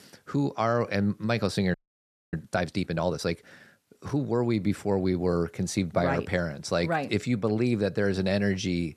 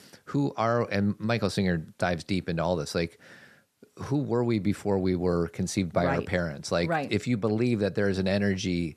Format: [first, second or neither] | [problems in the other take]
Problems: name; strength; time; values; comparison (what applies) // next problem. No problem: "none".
second | audio freezing; at 1.5 s for 0.5 s